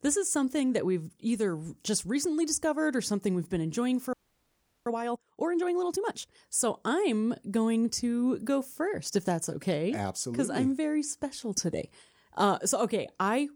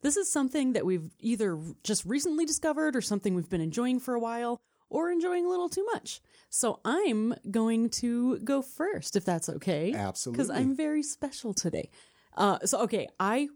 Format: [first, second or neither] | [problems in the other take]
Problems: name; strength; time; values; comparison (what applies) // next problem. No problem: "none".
second | audio freezing; at 4 s for 0.5 s